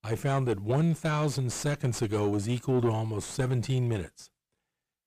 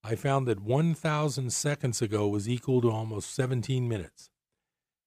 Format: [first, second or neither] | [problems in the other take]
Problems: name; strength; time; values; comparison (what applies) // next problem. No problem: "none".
second | distortion; slight; 10 dB below the speech